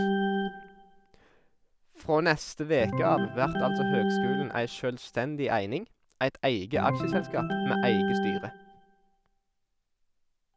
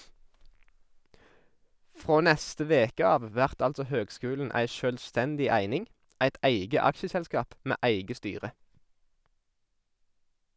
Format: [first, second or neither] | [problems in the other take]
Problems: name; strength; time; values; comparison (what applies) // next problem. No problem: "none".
second | background sound (Organ); 1 dB below the speech